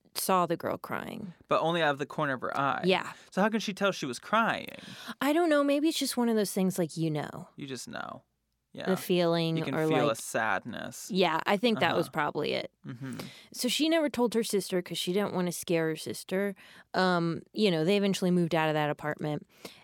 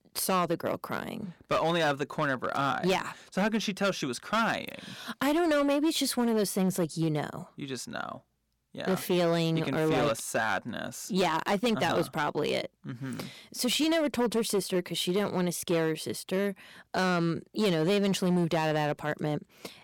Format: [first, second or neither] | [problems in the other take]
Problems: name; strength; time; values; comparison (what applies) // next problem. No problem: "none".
first | distortion; slight; 9% of the sound clipped